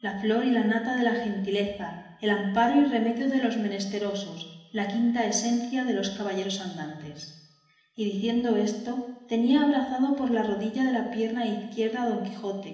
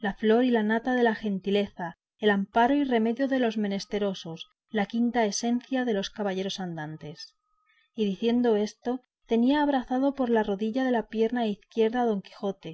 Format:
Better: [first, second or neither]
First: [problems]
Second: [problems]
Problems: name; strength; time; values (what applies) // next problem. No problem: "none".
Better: second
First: room echo; dies away in 1 s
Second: none